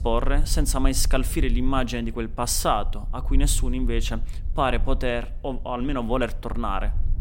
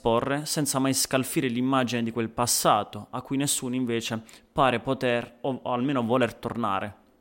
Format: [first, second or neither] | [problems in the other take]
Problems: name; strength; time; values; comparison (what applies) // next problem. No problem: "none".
second | low rumble; faint; throughout; 25 dB below the speech